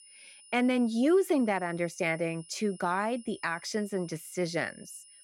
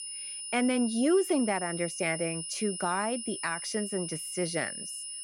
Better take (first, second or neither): first